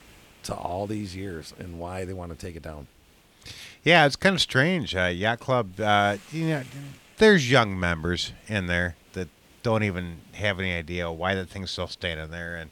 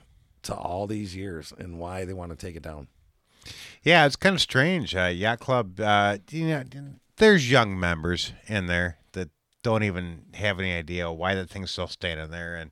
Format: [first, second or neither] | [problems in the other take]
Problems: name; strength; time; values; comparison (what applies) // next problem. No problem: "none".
second | hiss; faint; throughout; 30 dB below the speech